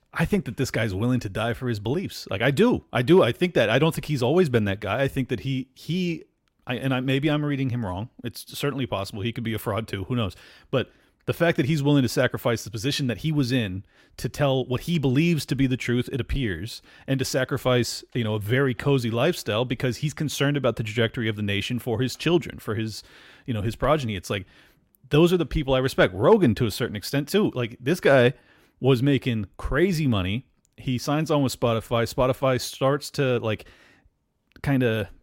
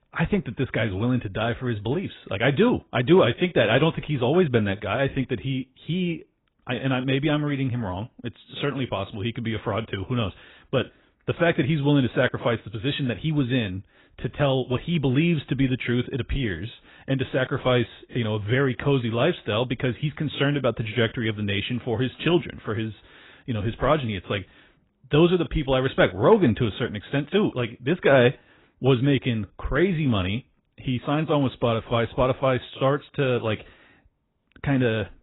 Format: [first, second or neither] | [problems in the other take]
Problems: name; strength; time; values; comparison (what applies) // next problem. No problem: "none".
first | garbled, watery; badly; nothing above 3.5 kHz